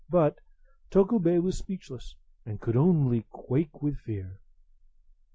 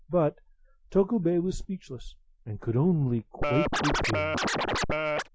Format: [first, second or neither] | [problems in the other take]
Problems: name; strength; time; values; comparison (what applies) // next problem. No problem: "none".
first | background sound (Scratching (performance technique)); 2 dB above the speech